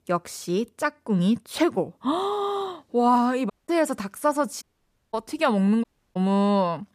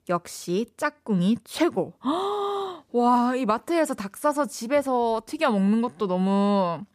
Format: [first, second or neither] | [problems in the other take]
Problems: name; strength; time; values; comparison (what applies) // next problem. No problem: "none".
second | audio cutting out; at 3.5 s, at 4.5 s for 0.5 s and at 6 s